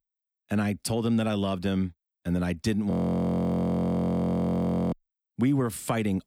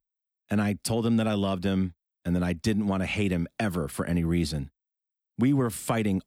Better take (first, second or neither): second